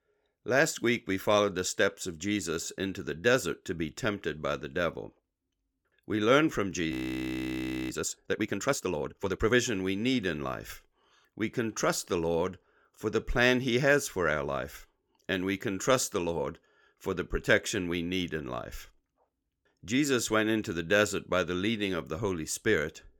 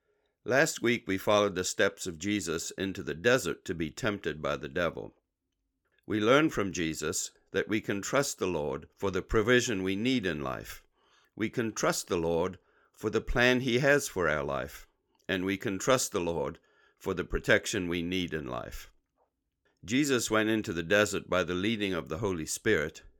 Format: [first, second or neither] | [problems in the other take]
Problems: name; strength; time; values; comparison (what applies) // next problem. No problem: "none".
second | audio freezing; at 7 s for 1 s